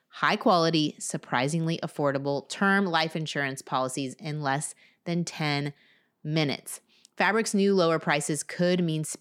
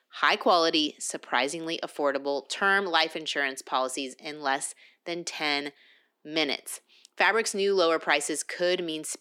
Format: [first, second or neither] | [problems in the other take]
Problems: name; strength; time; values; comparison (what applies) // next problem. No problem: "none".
first | thin; somewhat; fading below 300 Hz